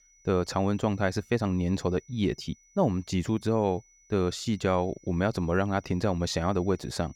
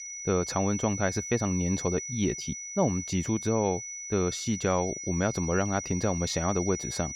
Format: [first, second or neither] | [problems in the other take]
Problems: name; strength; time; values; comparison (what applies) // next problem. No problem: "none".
first | high-pitched whine; loud; throughout; 6 kHz, 6 dB below the speech; faint in the first